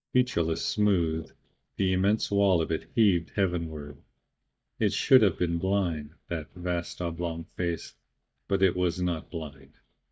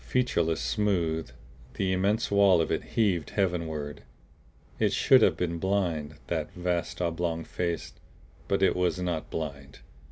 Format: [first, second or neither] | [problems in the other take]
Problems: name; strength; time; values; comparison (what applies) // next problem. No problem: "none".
second | noise reduction (neural mask model DeepFilterNet 3)